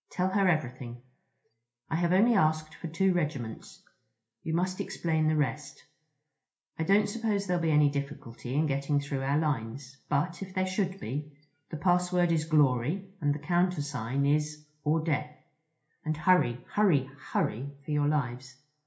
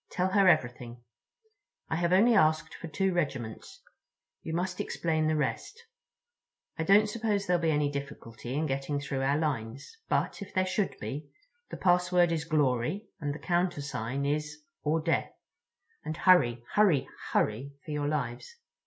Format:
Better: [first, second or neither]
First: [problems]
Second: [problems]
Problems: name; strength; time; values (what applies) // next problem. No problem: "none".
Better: second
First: room echo; dies away in 0.4 s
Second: none